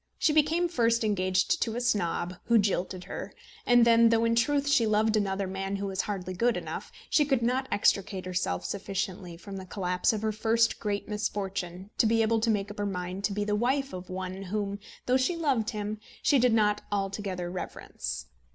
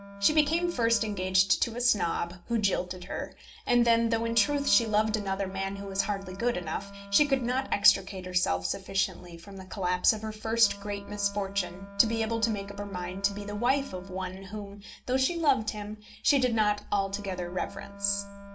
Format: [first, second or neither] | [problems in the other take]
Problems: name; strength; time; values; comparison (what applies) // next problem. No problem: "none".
first | background sound (Wind instrument, woodwind instrument); 17 dB below the speech // room echo; dies away in 0.2 s